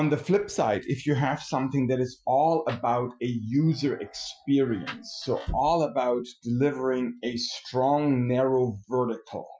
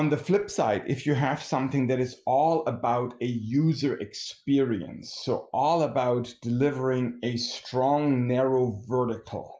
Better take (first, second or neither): second